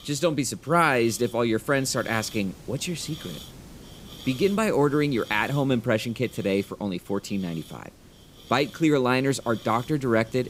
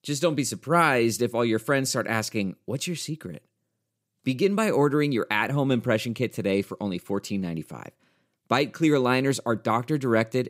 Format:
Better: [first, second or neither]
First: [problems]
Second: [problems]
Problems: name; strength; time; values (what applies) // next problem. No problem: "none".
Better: second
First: hiss; noticeable; throughout; 20 dB below the speech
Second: none